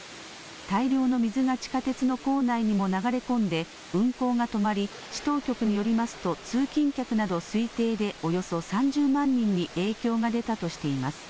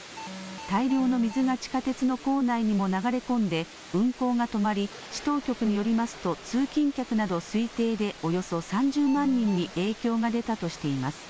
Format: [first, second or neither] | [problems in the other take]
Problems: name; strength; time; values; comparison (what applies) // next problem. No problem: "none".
first | background sound (Alarm); 14 dB below the speech